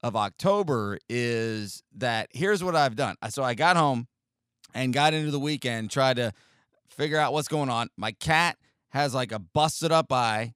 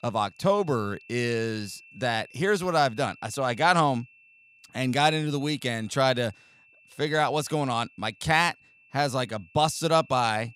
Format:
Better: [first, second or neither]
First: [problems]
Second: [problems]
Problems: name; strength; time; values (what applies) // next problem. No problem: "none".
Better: first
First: none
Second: high-pitched whine; faint; throughout; 2.5 kHz, 25 dB below the speech